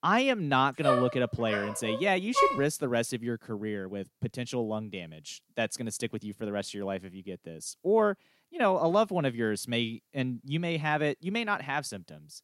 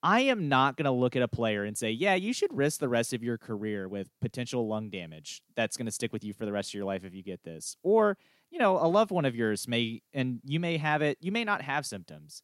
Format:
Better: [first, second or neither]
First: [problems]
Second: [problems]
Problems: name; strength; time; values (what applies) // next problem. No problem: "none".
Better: second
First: dog barking; loud; from 1 to 2.5 s; peak 3 dB above the speech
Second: none